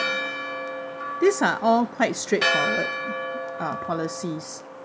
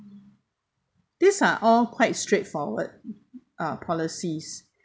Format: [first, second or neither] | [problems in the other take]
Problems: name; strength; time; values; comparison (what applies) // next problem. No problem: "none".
second | background sound (Church bell); 3 dB below the speech